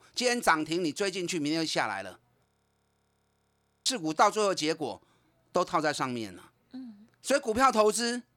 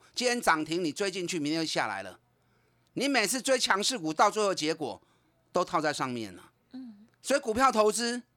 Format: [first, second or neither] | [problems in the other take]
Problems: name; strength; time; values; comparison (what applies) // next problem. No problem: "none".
second | audio freezing; at 2.5 s for 1.5 s